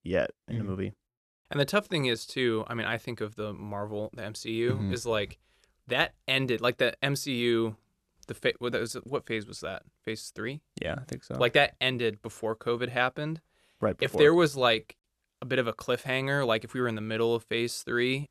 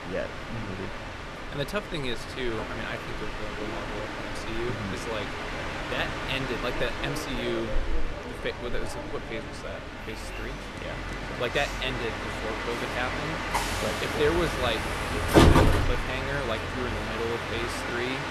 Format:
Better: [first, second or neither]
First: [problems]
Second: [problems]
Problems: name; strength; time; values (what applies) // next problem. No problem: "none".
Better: first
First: none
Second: train or aircraft noise; very loud; throughout; 3 dB above the speech